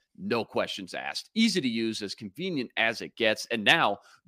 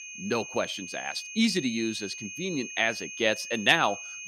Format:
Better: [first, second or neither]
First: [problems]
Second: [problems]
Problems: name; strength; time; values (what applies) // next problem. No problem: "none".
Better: first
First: none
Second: high-pitched whine; loud; throughout; 2.5 kHz, 10 dB below the speech